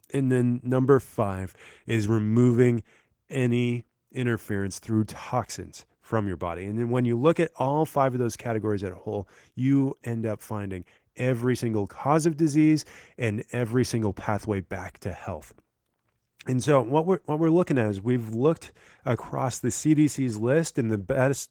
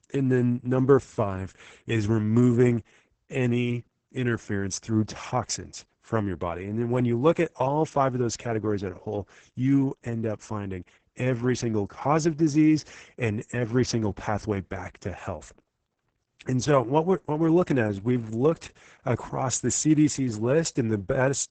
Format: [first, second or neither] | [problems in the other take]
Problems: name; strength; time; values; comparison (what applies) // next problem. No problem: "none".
first | garbled, watery; badly; nothing above 8 kHz; slightly in the first